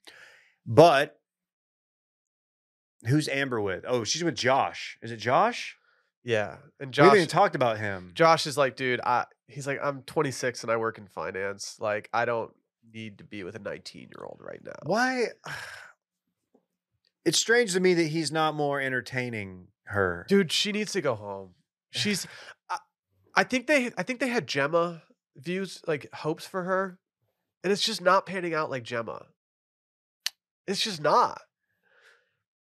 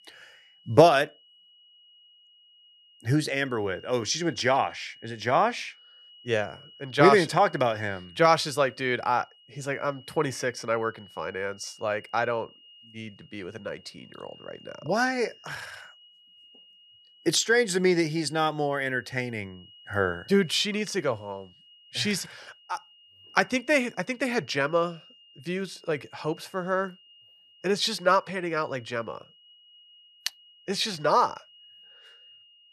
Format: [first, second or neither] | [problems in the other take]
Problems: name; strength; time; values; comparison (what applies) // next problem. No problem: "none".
first | high-pitched whine; faint; throughout; 3 kHz, 25 dB below the speech